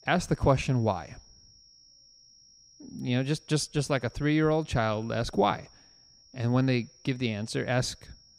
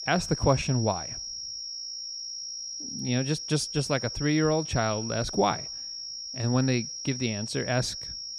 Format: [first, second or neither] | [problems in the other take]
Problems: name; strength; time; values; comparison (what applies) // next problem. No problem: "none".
first | high-pitched whine; loud; throughout; 5.5 kHz, 6 dB below the speech; faint in the first